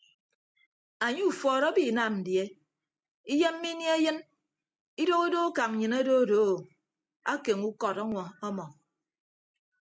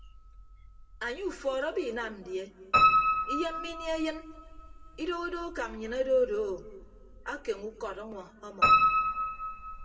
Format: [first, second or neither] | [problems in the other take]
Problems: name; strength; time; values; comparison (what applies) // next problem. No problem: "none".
first | background sound (Piano); 4 dB above the speech // room echo; dies away in 1.8 s